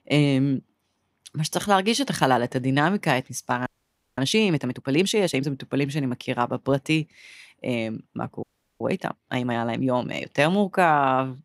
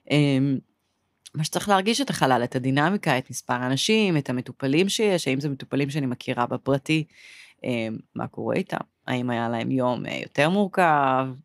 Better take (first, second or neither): second